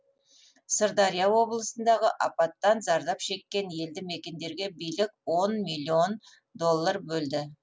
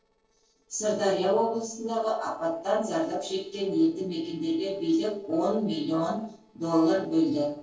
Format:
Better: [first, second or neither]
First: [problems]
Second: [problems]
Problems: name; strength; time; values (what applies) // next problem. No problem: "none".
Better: first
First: none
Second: noise reduction (neural separator model SepFormer DNS4)